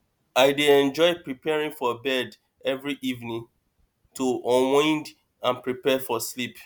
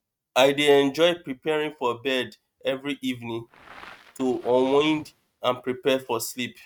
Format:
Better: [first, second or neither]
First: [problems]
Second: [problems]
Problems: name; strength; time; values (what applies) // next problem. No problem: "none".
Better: first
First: none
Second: noise reduction (neural mask model RNNoise)